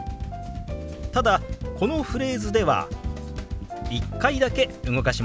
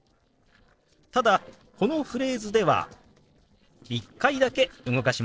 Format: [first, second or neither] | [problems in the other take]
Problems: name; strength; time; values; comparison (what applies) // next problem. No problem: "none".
first | noise reduction (neural separator model SepFormer DNS4)